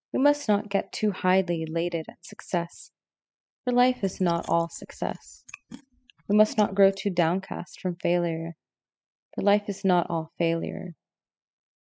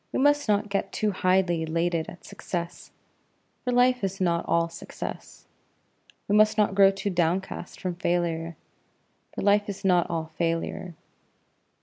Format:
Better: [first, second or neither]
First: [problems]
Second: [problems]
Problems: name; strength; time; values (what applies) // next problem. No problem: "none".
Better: second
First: noise reduction (classical method spectral subtraction)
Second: none